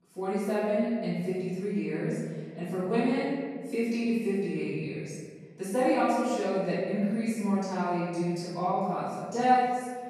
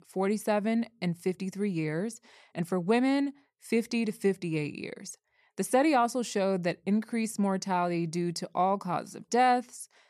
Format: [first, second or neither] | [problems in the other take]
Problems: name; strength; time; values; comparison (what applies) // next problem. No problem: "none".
second | off-mic speech; far // room echo; strong; dies away in 1.8 s